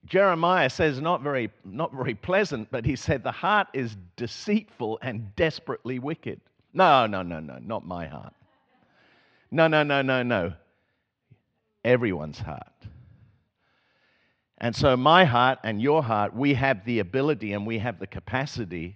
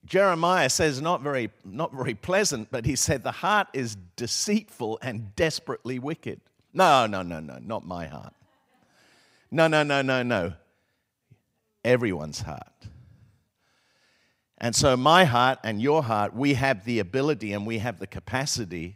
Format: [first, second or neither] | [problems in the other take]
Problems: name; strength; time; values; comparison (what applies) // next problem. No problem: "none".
second | muffled; slightly; fading above 4 kHz